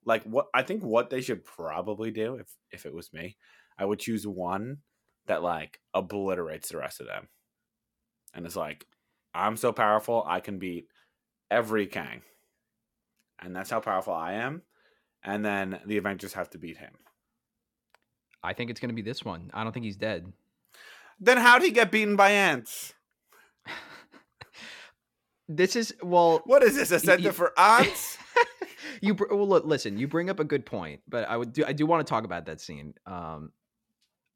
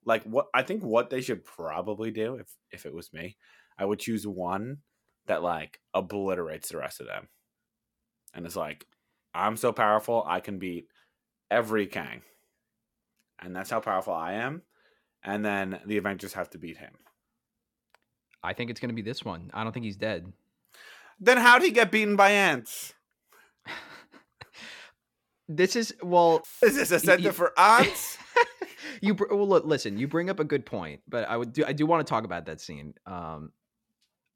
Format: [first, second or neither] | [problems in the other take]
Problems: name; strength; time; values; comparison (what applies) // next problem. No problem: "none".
first | audio cutting out; filled with static; at 26 s